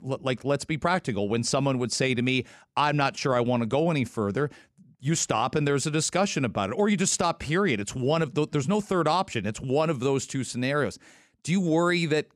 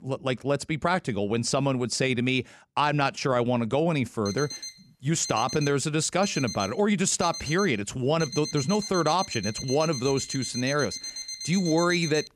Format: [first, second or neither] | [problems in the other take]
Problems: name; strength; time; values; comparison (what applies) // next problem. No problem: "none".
first | alarm; noticeable; from 4.5 s on; peak 7 dB below the speech